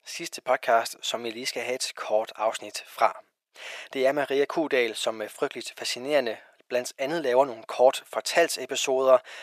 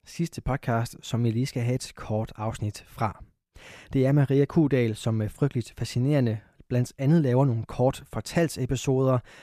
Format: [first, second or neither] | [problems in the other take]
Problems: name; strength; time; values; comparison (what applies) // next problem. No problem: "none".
second | thin; very; fading below 500 Hz